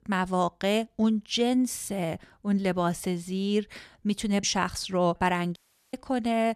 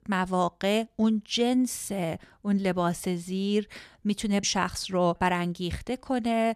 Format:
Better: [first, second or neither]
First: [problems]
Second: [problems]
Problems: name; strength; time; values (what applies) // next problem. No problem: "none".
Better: second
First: audio cutting out; at 5.5 s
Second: none